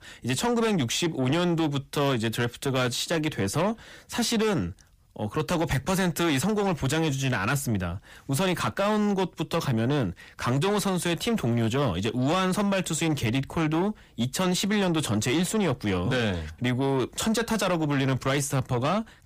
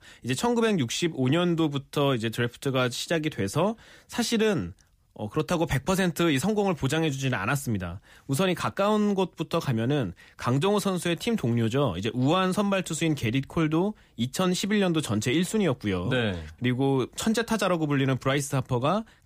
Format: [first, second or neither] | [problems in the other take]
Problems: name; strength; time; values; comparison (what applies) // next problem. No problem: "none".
second | distortion; slight; 10 dB below the speech